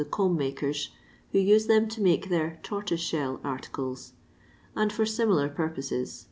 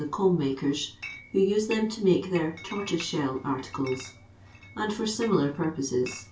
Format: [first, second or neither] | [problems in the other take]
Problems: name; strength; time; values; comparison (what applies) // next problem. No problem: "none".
first | background sound (Chatter / Chink, clink); 18 dB below the speech // room echo; dies away in 0.2 s